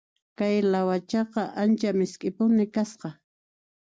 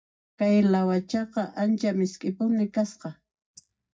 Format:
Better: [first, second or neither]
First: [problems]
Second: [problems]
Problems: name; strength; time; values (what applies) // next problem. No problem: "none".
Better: first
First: none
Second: noise reduction (neural mask model DeepFilterNet 3)